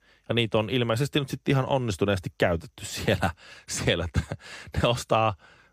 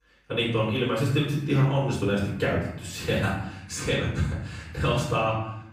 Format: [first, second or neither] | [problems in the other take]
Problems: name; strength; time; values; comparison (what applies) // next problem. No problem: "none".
first | off-mic speech; far // room echo; noticeable; dies away in 0.7 s